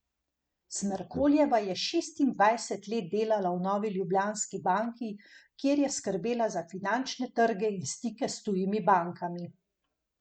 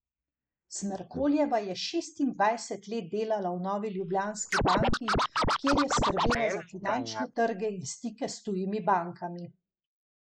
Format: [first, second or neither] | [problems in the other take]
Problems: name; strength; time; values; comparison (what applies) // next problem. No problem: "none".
first | noise reduction (neural mask model Resemble Enhance denoiser)